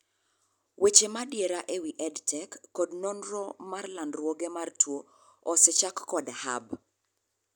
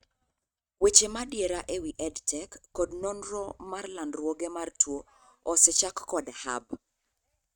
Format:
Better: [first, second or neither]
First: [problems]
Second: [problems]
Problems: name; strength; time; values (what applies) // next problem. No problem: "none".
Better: first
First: none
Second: noise reduction (neural mask model RNNoise)